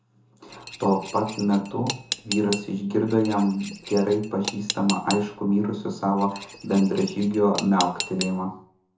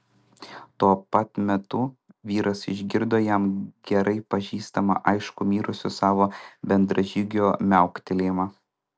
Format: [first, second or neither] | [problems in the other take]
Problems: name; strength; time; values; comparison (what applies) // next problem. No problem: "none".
second | background sound (Cutlery, silverware / Dishes, pots, and pans); 11 dB below the speech // room echo; dies away in 0.6 s